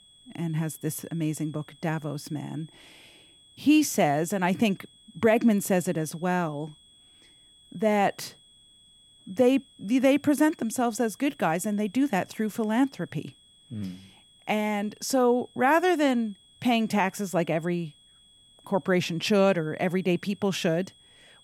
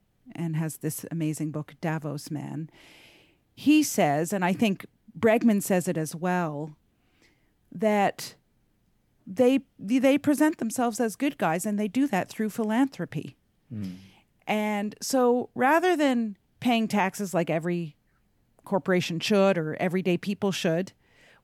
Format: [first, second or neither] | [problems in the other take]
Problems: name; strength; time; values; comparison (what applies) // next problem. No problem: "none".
second | high-pitched whine; faint; throughout; 3.5 kHz, 30 dB below the speech